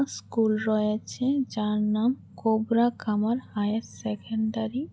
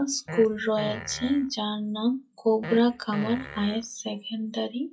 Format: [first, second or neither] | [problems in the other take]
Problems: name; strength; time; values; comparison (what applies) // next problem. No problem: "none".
first | noise reduction (classical method WPE with log-MMSE)